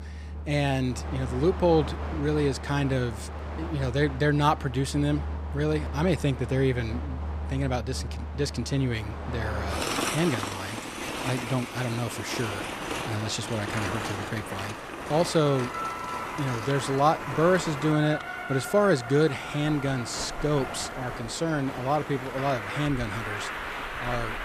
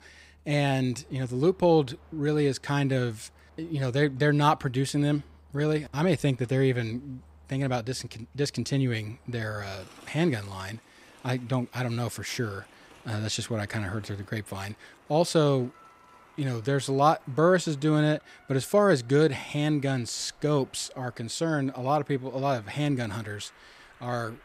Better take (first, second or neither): second